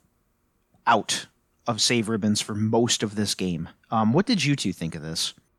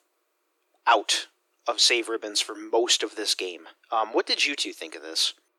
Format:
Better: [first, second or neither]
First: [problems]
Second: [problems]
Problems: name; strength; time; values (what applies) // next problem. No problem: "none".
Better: first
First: none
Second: thin; very; fading below 300 Hz